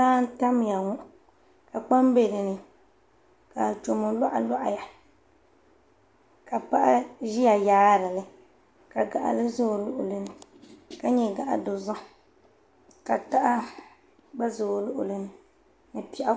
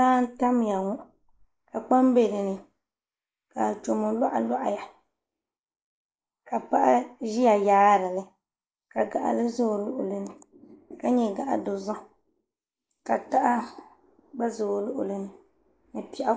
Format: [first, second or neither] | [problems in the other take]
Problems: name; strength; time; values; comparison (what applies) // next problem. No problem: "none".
first | noise reduction (neural mask model Resemble Enhance denoiser)